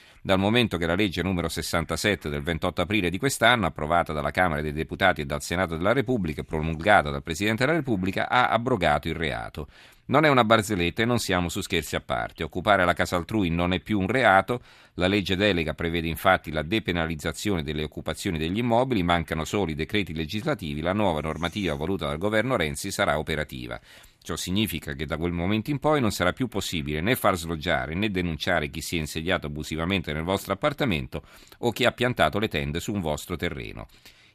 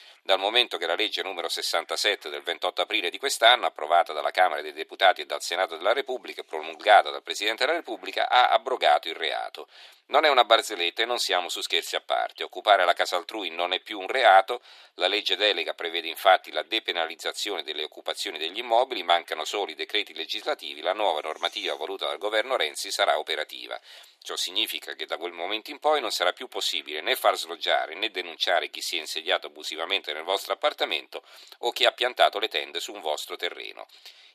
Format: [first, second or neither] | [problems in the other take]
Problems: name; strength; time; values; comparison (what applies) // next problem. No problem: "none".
first | thin; very; fading below 350 Hz